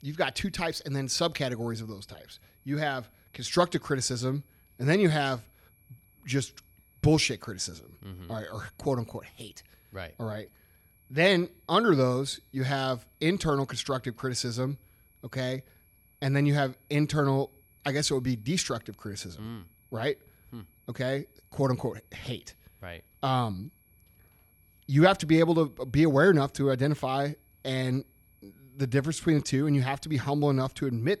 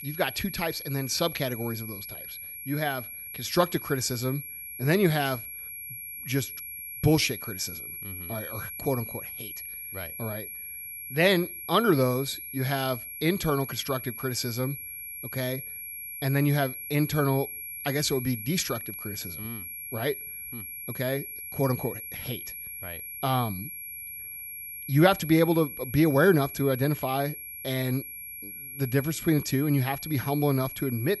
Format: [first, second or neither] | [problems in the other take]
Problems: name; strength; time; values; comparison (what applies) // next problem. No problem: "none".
first | high-pitched whine; loud; throughout; 11.5 kHz, 9 dB below the speech; faint in the first